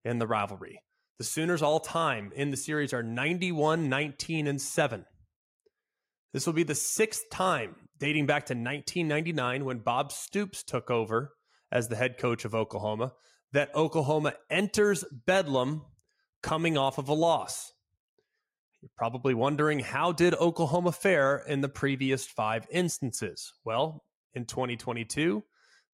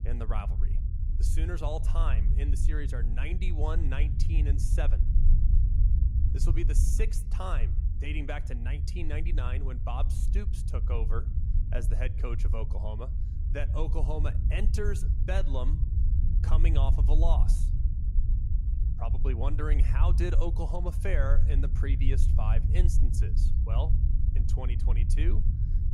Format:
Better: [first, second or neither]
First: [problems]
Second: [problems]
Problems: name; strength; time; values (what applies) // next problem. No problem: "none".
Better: first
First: none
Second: low rumble; loud; throughout; 7 dB below the speech